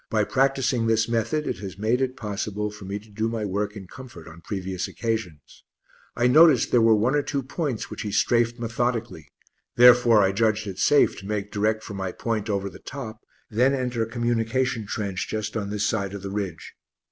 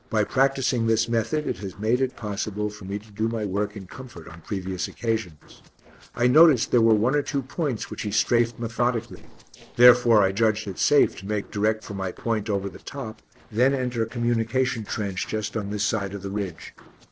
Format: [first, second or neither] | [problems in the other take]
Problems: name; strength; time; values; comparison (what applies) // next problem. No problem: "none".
first | noise reduction (neural separator model SepFormer DNS4)